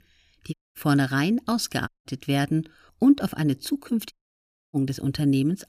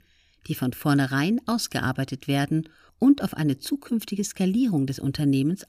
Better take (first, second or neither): second